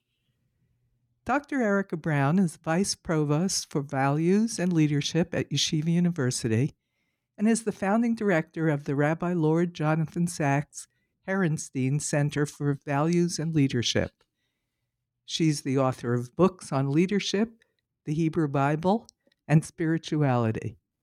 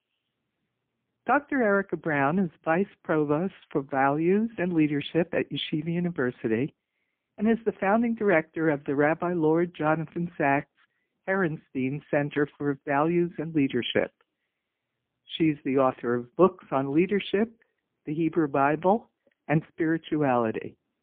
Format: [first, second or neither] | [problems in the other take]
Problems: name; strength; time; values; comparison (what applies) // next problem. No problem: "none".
first | phone-call audio; poor line; nothing above 3.5 kHz